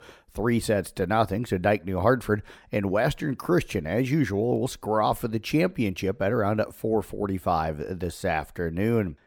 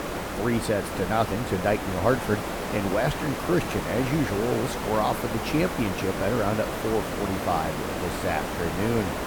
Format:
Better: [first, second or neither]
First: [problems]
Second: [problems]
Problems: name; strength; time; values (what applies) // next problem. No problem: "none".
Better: first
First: none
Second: hiss; loud; throughout; 3 dB below the speech